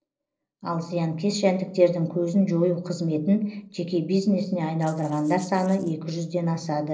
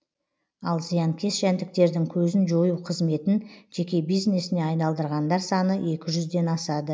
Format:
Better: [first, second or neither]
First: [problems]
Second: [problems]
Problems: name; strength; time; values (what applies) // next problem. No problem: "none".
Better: second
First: noise reduction (neural separator model SepFormer DNS4)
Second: none